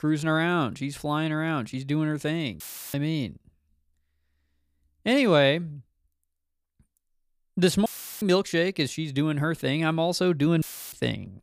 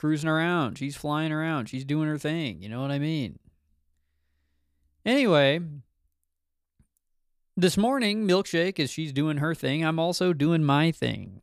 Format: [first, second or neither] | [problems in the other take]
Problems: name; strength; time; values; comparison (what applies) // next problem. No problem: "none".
second | audio cutting out; filled with static; at 2.5 s, at 8 s and at 11 s